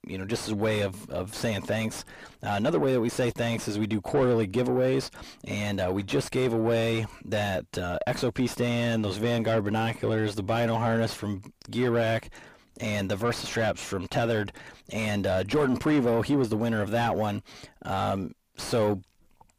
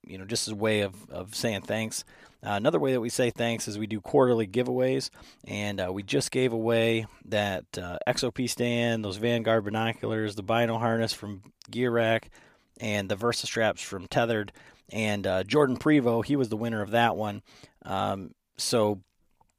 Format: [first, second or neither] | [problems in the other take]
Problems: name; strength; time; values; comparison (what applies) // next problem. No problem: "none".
second | distortion; heavy; 7 dB below the speech